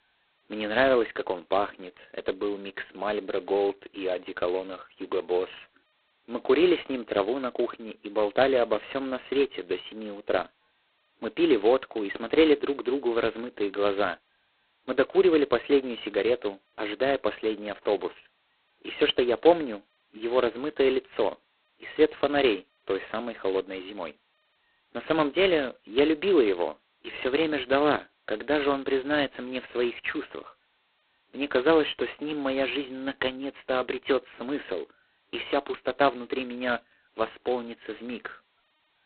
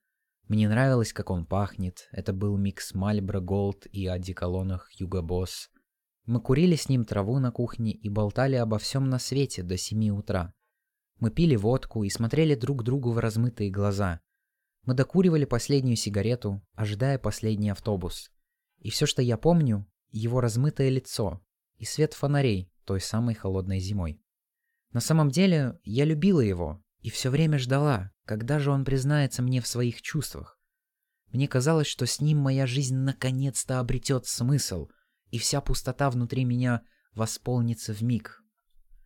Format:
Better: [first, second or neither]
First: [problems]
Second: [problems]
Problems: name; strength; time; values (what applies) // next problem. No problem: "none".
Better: second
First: phone-call audio; poor line; nothing above 4 kHz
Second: none